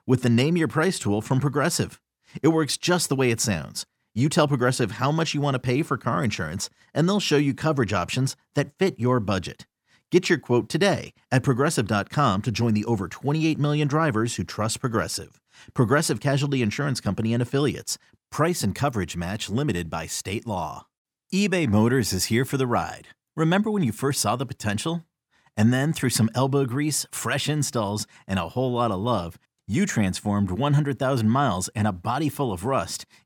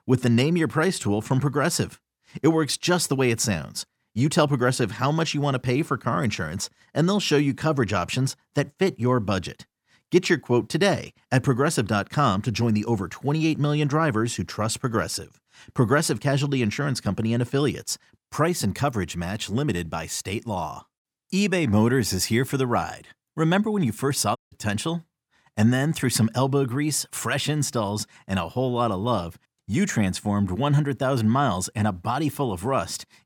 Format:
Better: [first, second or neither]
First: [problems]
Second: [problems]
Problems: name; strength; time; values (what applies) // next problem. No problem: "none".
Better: first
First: none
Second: audio cutting out; at 24 s